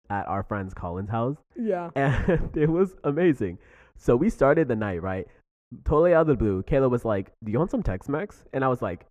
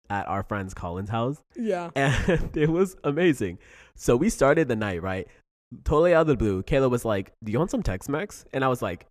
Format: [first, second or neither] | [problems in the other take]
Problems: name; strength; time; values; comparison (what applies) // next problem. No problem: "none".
second | muffled; slightly; fading above 2.5 kHz